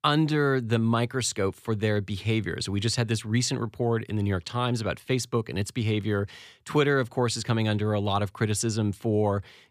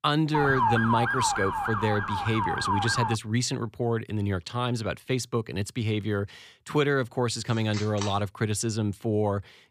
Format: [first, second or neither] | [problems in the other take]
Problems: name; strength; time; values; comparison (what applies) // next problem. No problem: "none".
first | siren; loud; until 3 s; peak 3 dB above the speech // phone ringing; noticeable; at 7.5 s; peak 8 dB below the speech